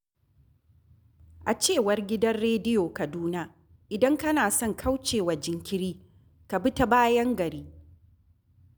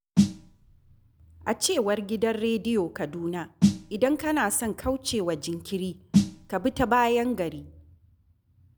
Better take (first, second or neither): first